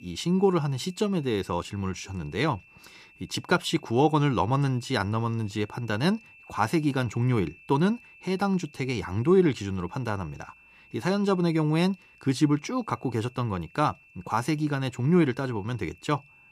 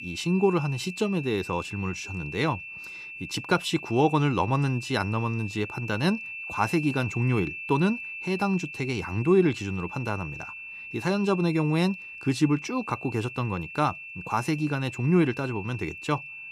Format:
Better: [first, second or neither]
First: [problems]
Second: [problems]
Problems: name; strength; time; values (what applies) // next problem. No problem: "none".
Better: first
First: high-pitched whine; faint; throughout; 2.5 kHz, 25 dB below the speech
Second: high-pitched whine; loud; throughout; 2.5 kHz, 10 dB below the speech